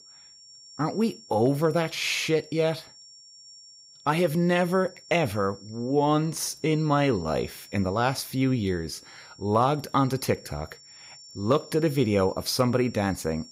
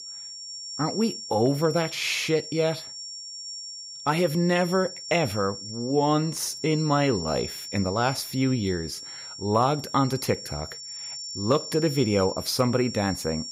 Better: first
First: high-pitched whine; faint; throughout; 5.5 kHz, 20 dB below the speech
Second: high-pitched whine; loud; throughout; 5.5 kHz, 10 dB below the speech

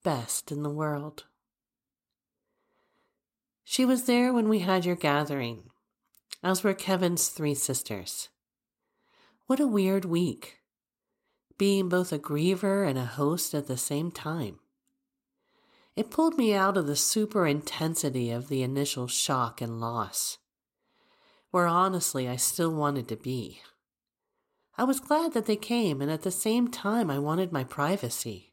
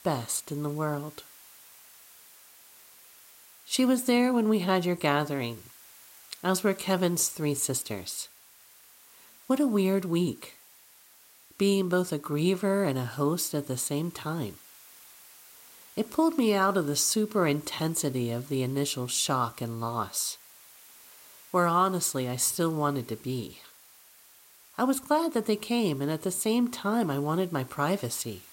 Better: first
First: none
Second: hiss; faint; throughout; 25 dB below the speech

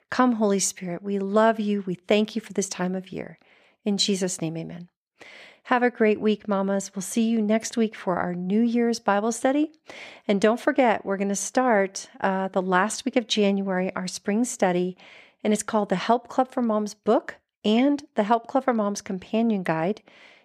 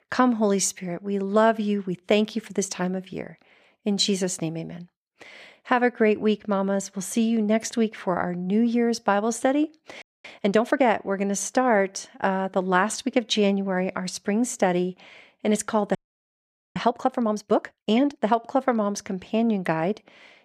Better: first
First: none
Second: audio freezing; at 10 s and at 16 s for 1 s

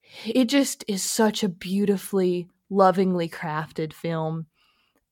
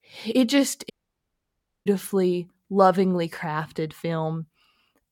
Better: first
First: none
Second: audio cutting out; at 1 s for 1 s

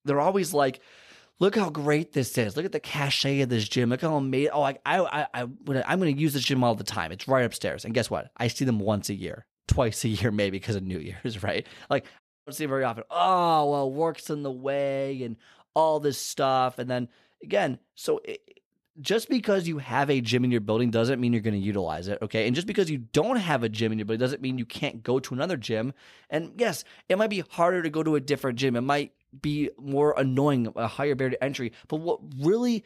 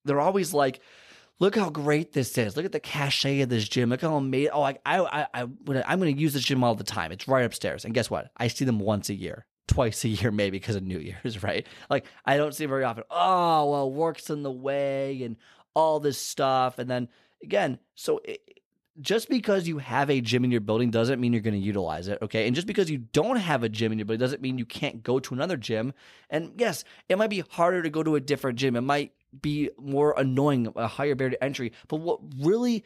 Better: second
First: audio cutting out; at 12 s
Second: none

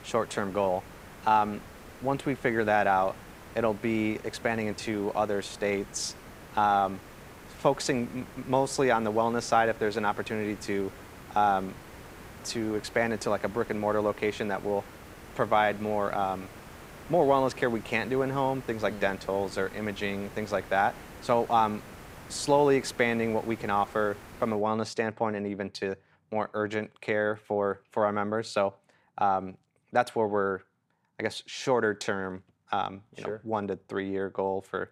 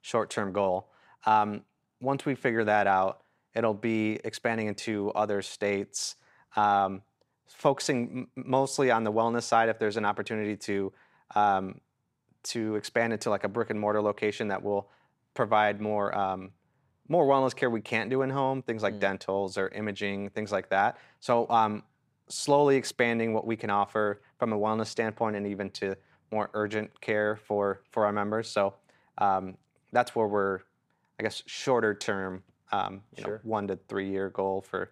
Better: second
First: hiss; noticeable; until 25 s; 20 dB below the speech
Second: none

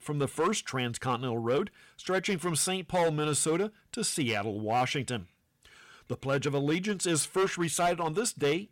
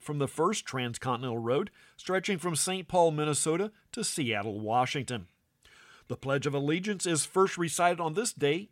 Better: second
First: distortion; slight; 6% of the sound clipped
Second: none

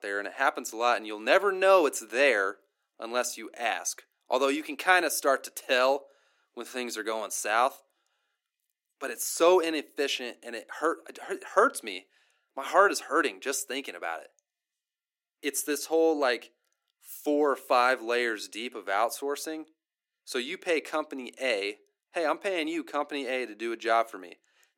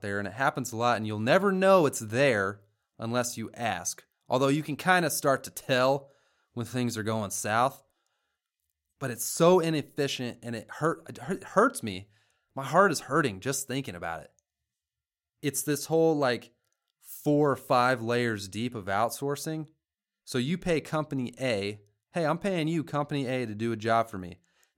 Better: second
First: thin; somewhat; fading below 300 Hz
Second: none

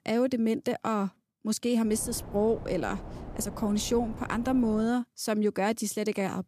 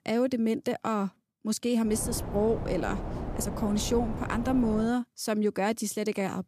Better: first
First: wind noise on the microphone; occasional gusts; from 2 to 5 s; 15 dB below the speech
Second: wind noise on the microphone; heavy; from 2 to 5 s; 9 dB below the speech

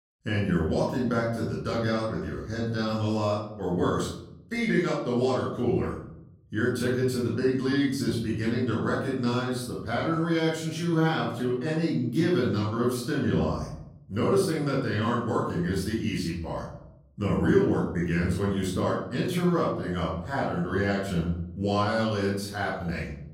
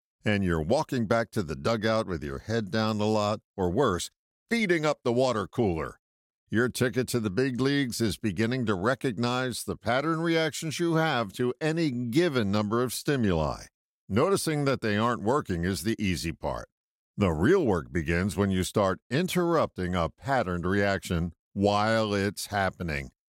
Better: second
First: room echo; noticeable; dies away in 0.7 s // off-mic speech; far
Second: none

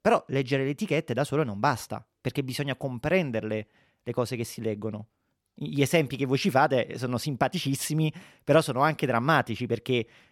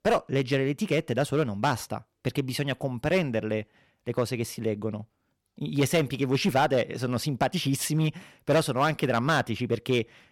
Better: first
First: none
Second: distortion; slight; 4% of the sound clipped

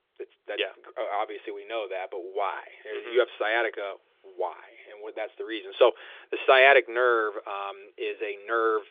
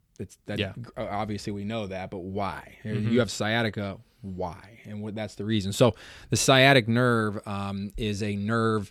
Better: second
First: phone-call audio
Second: none

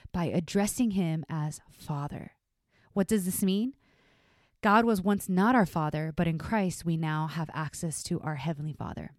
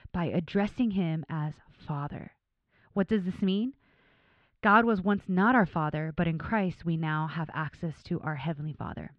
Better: first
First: none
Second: muffled; very; fading above 3.5 kHz

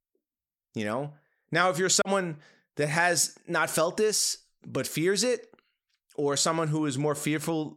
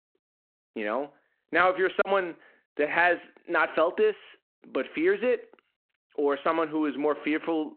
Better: first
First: none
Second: phone-call audio

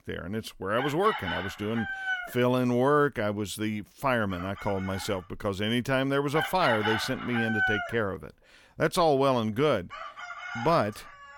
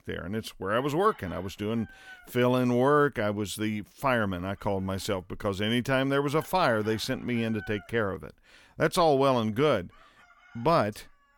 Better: second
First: animal sounds; loud; throughout; 6 dB below the speech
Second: animal sounds; faint; throughout; 25 dB below the speech

